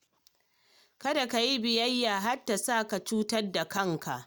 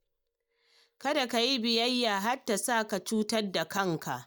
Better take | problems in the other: first | noise reduction (neural mask model DeepFilterNet 3)

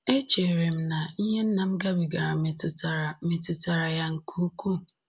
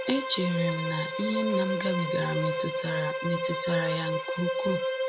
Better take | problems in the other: first | background sound (Bowed string instrument); as loud as the speech

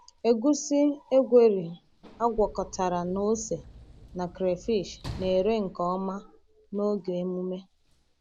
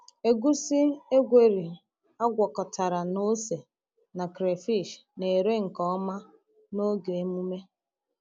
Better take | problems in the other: second | background sound (Sliding door / Slam); 20 dB below the speech

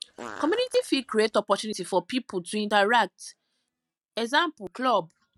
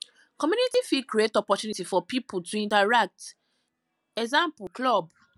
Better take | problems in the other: second | noise reduction (neural mask model RNNoise)

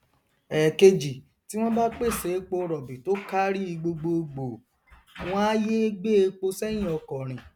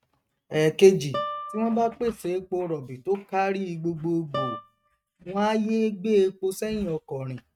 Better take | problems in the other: first | noise reduction (neural mask model RNNoise)

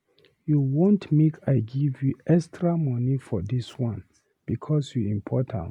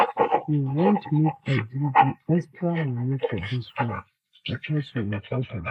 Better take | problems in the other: first | noise reduction (neural mask model Resemble Enhance denoiser)

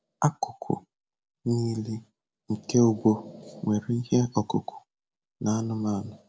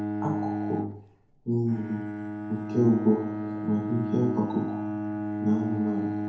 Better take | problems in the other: first | background sound (Bowed string instrument); 3 dB below the speech // room echo; dies away in 2 s

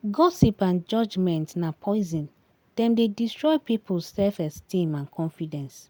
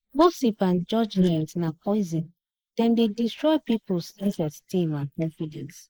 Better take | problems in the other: first | noise reduction (neural mask model Resemble Enhance denoiser)

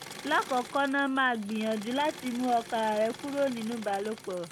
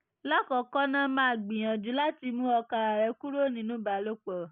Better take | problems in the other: second | background sound (Engine / Mechanisms); 15 dB below the speech

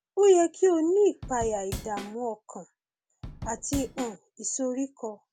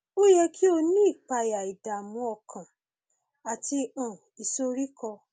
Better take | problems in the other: second | background sound (Drum / Drum kit); 11 dB below the speech

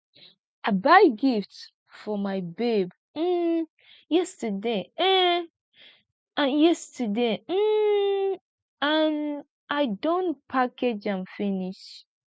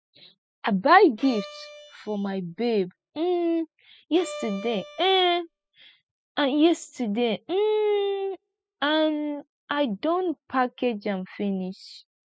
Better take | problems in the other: first | noise reduction (classical method spectral subtraction)

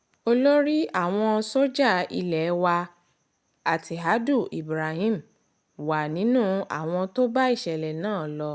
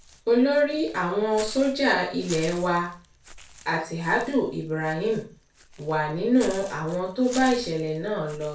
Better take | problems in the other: first | background sound (Walk, footsteps / Bird); 18 dB below the speech // room echo; dies away in 0.3 s

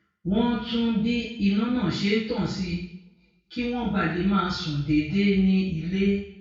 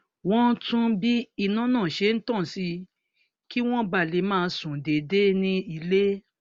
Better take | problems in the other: second | room echo; dies away in 0.6 s

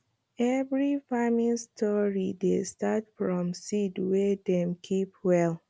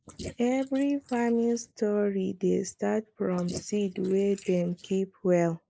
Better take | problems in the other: first | noise reduction (neural mask model Resemble Enhance denoiser)

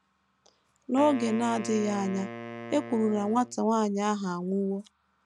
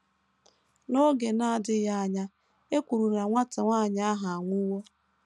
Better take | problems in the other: second | background sound (Wind instrument, woodwind instrument); 12 dB below the speech

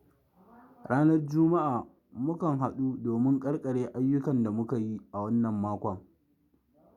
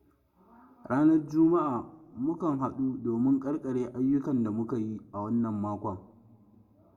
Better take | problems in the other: first | room echo; dies away in 1.1 s

